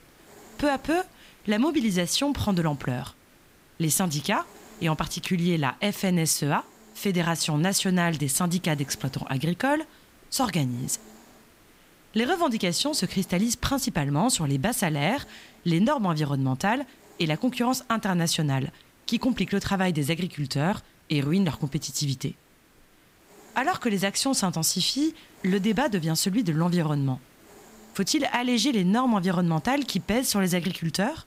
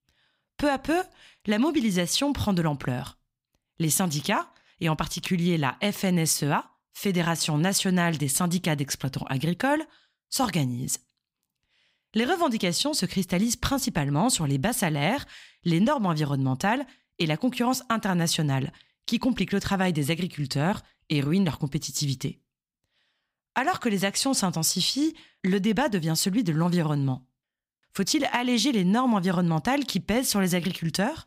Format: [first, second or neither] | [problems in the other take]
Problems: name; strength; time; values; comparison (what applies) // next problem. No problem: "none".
second | hiss; faint; throughout; 25 dB below the speech